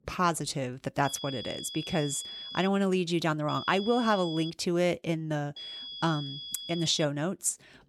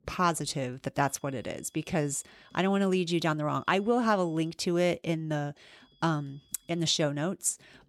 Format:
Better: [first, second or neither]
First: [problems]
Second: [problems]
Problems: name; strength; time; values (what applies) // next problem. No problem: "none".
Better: second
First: high-pitched whine; loud; from 1 to 2.5 s, from 3.5 to 4.5 s and from 5.5 to 7 s; 3.5 kHz, 9 dB below the speech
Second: high-pitched whine; faint; from 1 to 2.5 s, from 3.5 to 4.5 s and from 5.5 to 7 s; 3.5 kHz, 35 dB below the speech